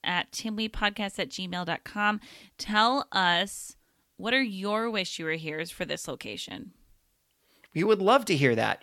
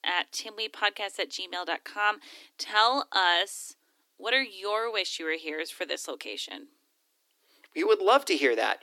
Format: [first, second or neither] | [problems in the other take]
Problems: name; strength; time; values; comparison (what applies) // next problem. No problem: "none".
first | thin; somewhat; fading below 300 Hz